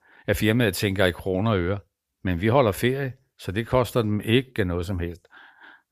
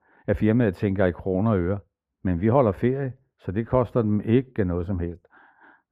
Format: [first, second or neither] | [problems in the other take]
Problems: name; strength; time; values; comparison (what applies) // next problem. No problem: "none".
first | muffled; very; fading above 2.5 kHz